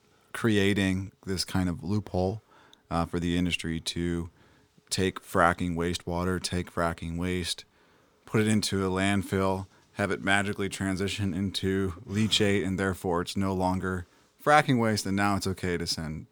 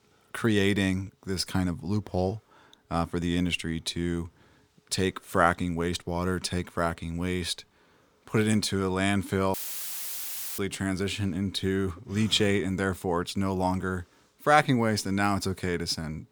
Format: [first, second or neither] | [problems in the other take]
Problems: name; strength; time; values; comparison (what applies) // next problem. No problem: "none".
first | audio cutting out; filled with static; at 9.5 s for 1 s